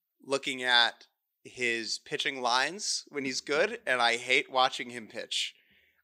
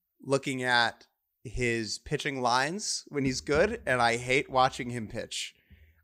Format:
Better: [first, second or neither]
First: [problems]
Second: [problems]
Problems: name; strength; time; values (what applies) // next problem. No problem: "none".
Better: second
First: thin; very slightly; fading below 300 Hz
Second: none